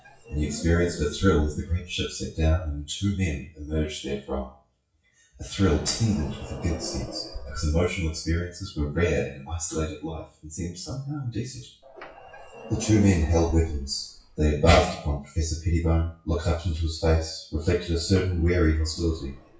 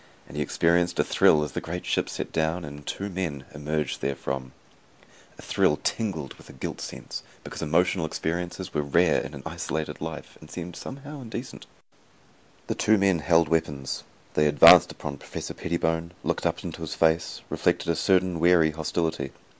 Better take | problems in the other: second | noise reduction (classical method WPE with log-MMSE)

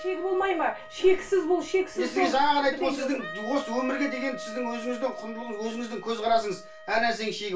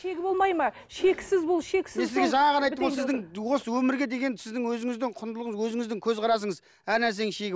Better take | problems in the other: second | background sound (Wind instrument, woodwind instrument); 15 dB below the speech // room echo; dies away in 0.3 s

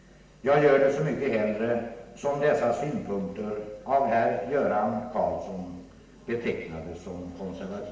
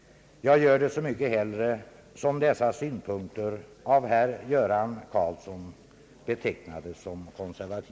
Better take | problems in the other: second | room echo; dies away in 1 s

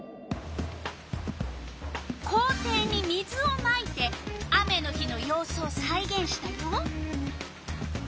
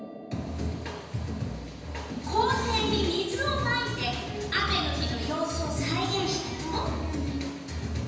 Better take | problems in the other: first | room echo; dies away in 1.1 s

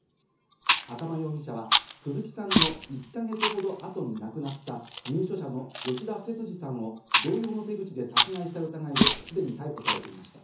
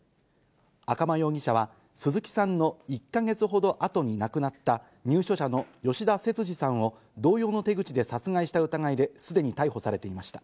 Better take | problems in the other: second | background sound (Chewing, mastication); 2 dB above the speech // room echo; dies away in 0.6 s

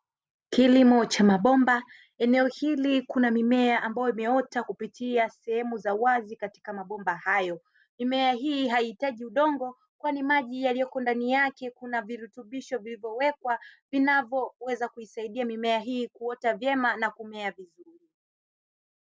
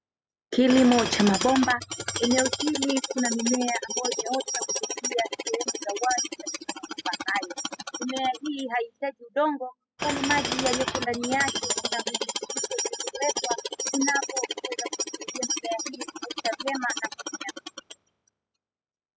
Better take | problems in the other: first | noise reduction (classical method spectral subtraction)

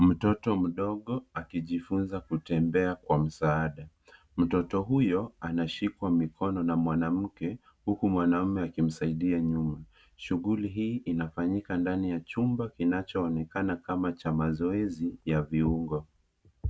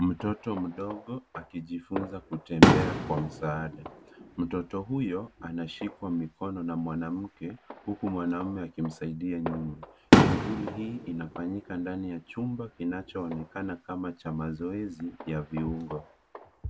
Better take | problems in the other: first | background sound (Fireworks); 2 dB above the speech

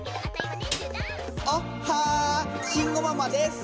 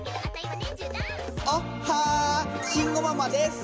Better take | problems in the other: second | background sound (Chink, clink + Snare drum); 10 dB below the speech

